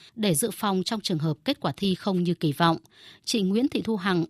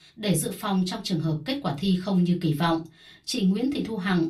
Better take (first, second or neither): first